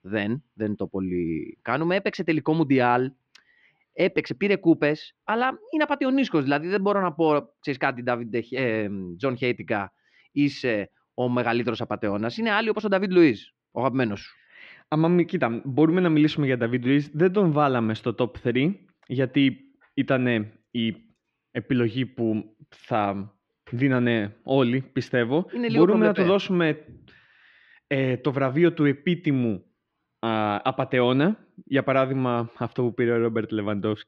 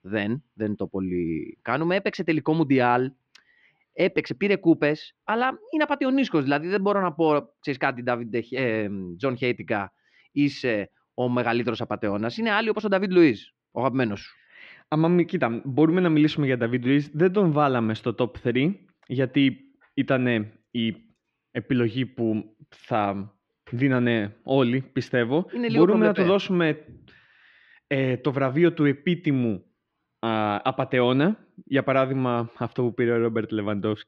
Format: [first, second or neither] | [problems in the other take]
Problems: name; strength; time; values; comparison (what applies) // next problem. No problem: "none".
neither | muffled; slightly; fading above 3 kHz; the same in both